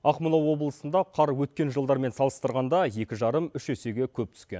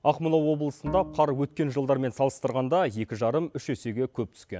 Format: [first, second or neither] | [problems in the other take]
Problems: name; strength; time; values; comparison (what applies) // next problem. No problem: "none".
first | background sound (Bowed string instrument); 15 dB below the speech